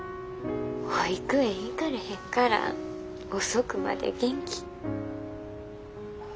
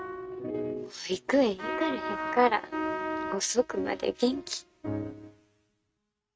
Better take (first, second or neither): first